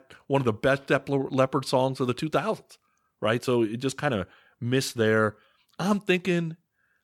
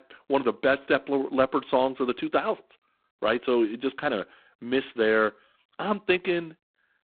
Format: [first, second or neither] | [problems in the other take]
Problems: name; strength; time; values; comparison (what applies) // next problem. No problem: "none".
first | phone-call audio; poor line; nothing above 4 kHz